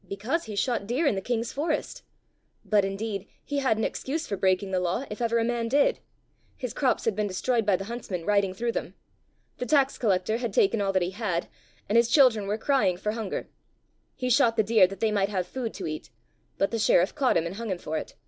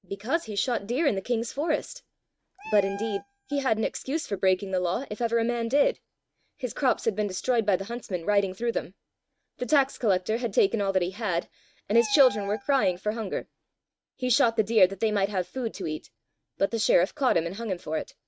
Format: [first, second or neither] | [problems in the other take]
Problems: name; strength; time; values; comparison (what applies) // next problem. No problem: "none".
first | noise reduction (neural mask model RNNoise)